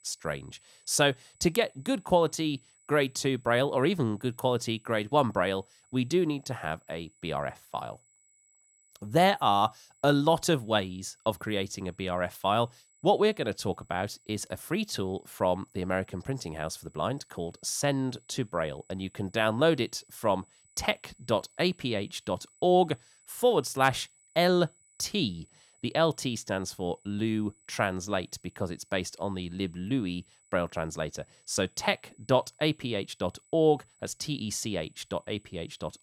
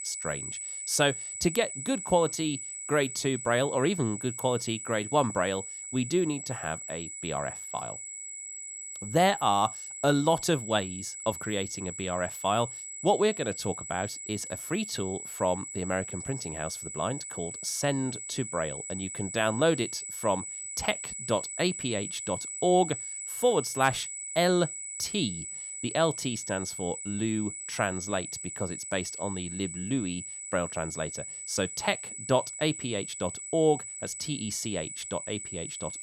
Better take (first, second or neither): first